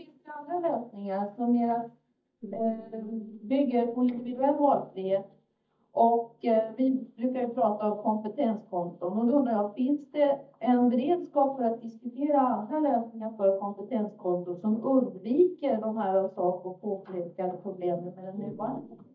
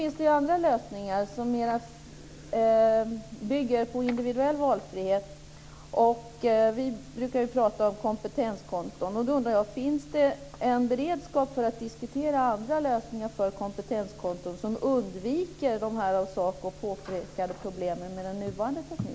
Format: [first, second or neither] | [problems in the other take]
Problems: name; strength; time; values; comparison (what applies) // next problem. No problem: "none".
second | noise reduction (neural mask model DeepFilterNet 3)